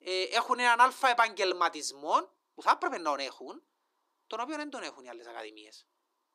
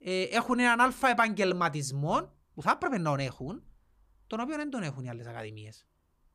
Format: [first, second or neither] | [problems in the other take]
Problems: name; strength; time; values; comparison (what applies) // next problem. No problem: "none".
second | thin; very; fading below 300 Hz